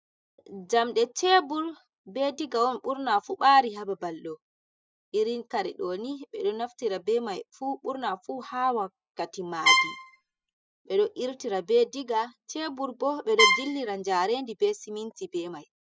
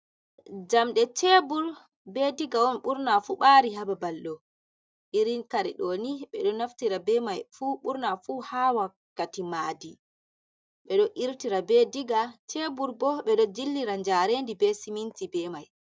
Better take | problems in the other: second | noise reduction (classical method spectral subtraction)

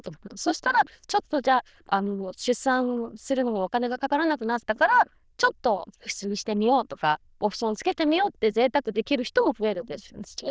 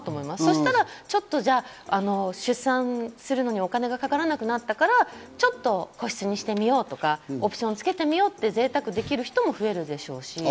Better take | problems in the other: second | noise reduction (neural diffusion model UNIVERSE++)

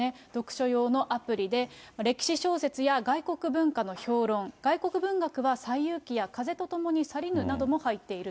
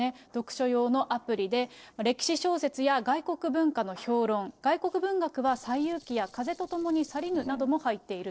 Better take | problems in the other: first | noise reduction (neural separator model SepFormer DNS4)

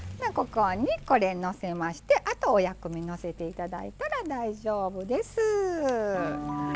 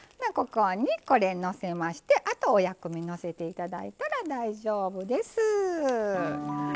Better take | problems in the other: second | background sound (Accelerating, revving, vroom); 18 dB below the speech

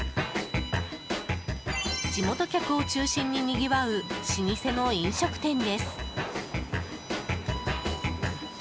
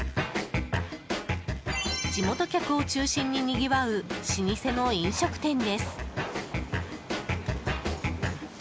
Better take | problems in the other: second | background sound (Bowed string instrument); 14 dB below the speech

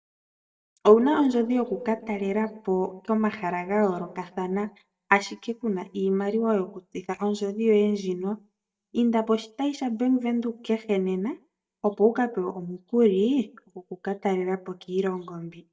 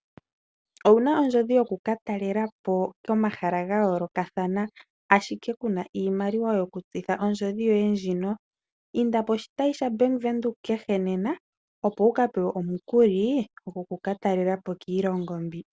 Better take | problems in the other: second | noise reduction (neural mask model DeepFilterNet 3)

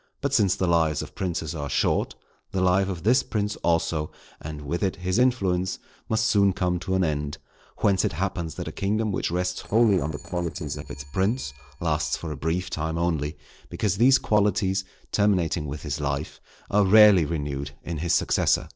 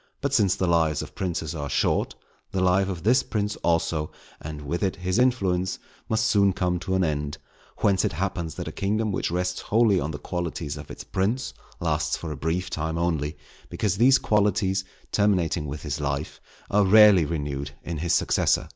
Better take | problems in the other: second | noise reduction (neural separator model SepFormer DNS4)

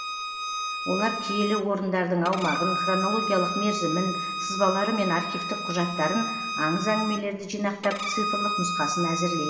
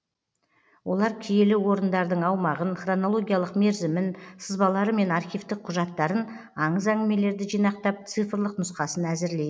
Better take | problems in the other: second | background sound (Bowed string instrument); 3 dB below the speech // room echo; dies away in 1.9 s

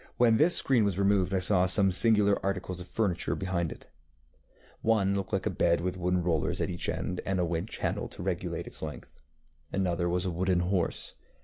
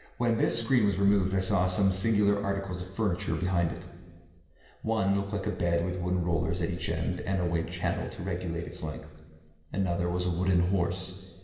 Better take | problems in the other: first | room echo; dies away in 1.4 s

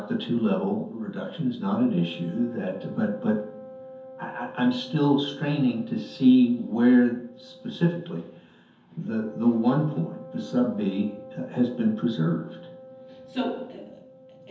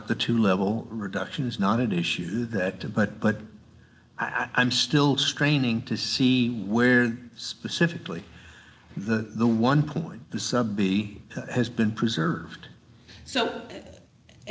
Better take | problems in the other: second | background sound (Wind instrument, woodwind instrument); 19 dB below the speech // room echo; dies away in 0.5 s

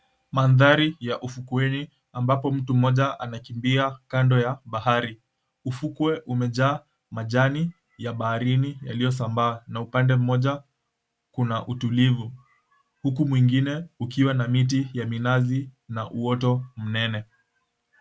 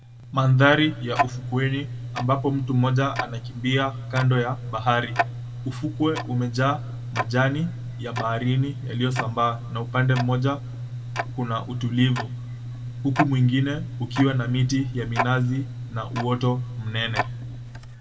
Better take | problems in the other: first | background sound (Tick-tock); 7 dB below the speech // room echo; dies away in 0.9 s

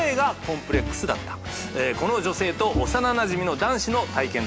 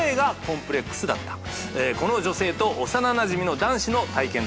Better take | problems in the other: second | background sound (Bowed string instrument); 9 dB below the speech

